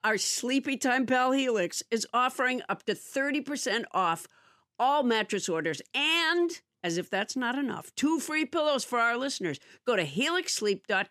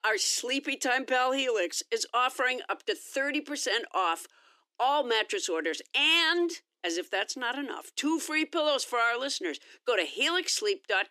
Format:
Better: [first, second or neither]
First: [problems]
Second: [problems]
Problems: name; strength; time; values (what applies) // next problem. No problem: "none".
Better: first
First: none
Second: thin; very slightly; fading below 300 Hz